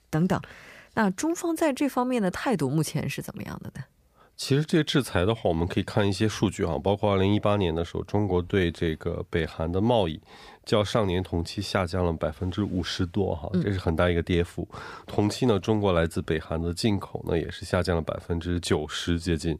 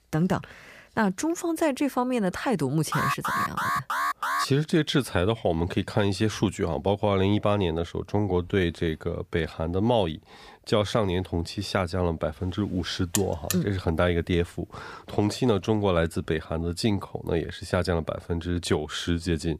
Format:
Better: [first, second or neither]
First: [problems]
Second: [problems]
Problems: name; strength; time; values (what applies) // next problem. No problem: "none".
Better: first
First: none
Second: alarm; loud; from 3 to 4.5 s; peak level with the speech // alarm; noticeable; at 13 s; peak 2 dB below the speech